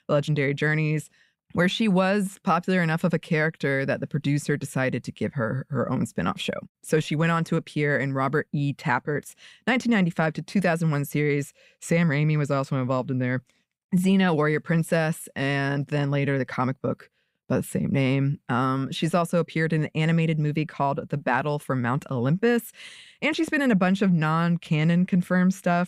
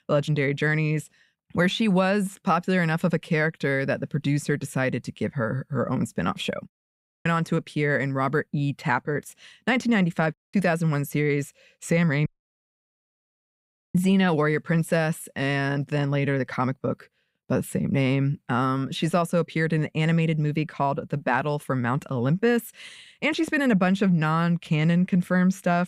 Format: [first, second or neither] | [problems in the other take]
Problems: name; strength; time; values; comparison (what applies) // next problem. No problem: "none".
first | audio cutting out; at 6.5 s for 0.5 s, at 10 s and at 12 s for 1.5 s